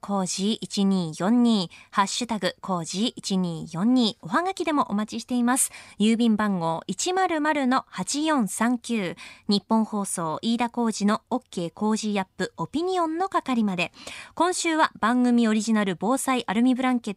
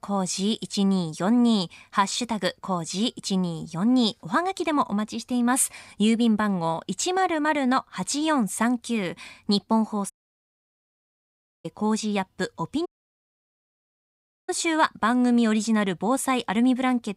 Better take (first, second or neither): first